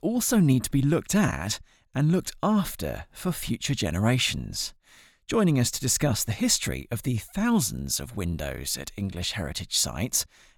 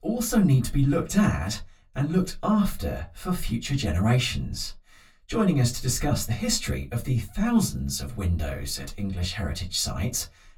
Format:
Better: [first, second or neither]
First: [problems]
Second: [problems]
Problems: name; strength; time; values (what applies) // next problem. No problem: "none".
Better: first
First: none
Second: off-mic speech; far // room echo; very slight; dies away in 0.2 s